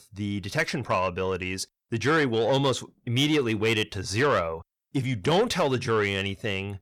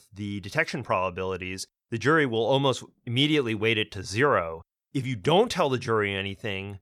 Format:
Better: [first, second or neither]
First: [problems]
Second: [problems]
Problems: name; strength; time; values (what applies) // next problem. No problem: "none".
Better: second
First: distortion; slight; 10 dB below the speech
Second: none